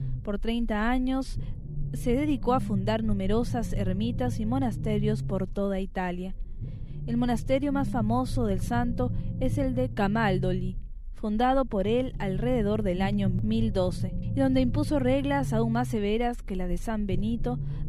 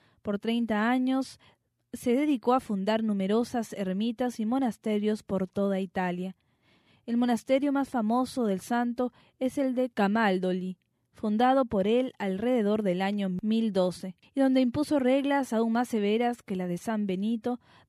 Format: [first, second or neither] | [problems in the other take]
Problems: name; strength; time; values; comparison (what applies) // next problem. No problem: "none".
second | low rumble; noticeable; throughout; 15 dB below the speech